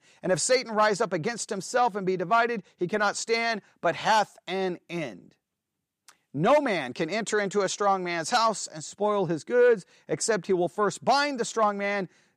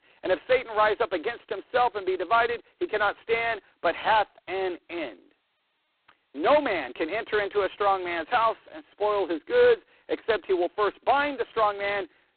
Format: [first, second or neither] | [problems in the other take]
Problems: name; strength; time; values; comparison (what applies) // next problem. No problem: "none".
first | phone-call audio; poor line; nothing above 4 kHz